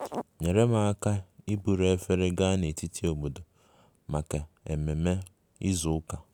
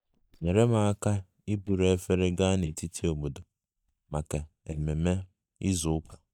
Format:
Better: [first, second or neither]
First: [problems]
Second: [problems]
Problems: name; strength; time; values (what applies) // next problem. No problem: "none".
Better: first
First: none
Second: noise reduction (neural mask model DeepFilterNet 3)